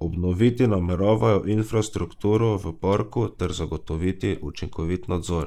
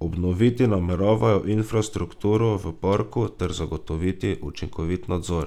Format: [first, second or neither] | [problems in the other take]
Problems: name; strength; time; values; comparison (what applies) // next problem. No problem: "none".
second | noise reduction (neural mask model Resemble Enhance denoiser)